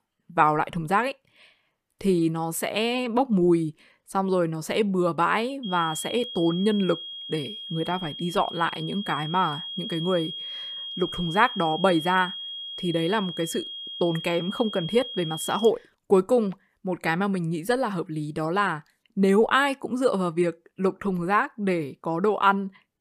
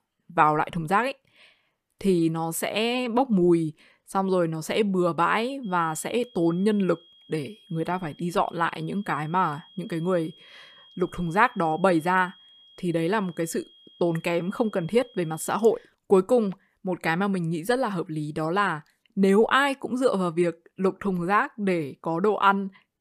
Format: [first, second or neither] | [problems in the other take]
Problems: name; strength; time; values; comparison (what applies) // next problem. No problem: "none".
second | high-pitched whine; loud; from 5.5 to 16 s; 3.5 kHz, 8 dB below the speech; faint in the second